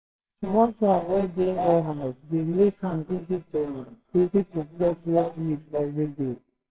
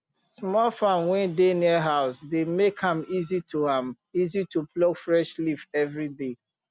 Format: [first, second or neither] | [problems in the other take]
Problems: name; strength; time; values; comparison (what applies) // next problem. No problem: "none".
second | noise reduction (neural separator model SepFormer WHAMR!)